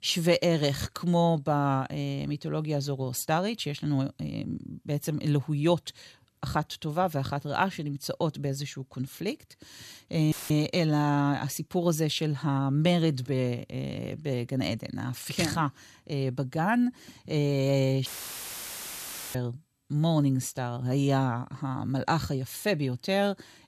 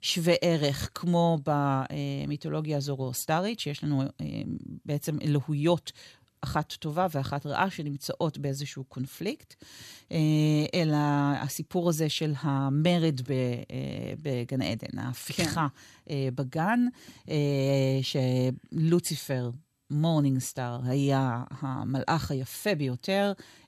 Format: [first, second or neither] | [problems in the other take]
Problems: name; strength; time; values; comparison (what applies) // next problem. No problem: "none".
second | audio cutting out; filled with static; at 10 s and at 18 s for 1.5 s